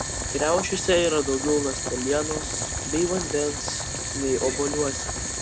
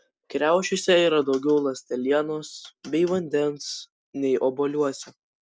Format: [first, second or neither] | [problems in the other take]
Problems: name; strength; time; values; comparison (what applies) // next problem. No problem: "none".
second | background sound (Boiling); 3 dB below the speech